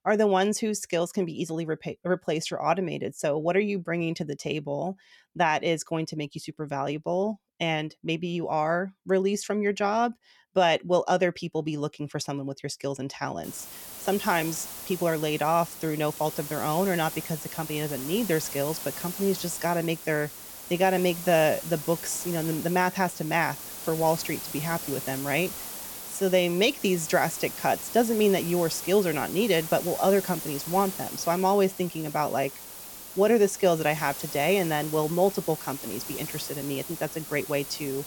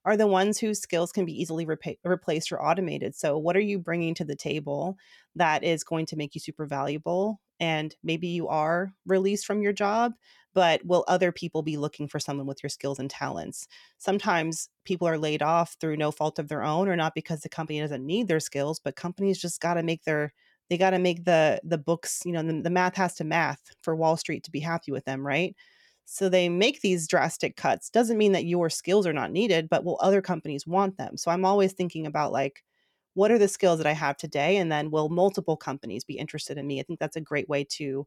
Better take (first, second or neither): second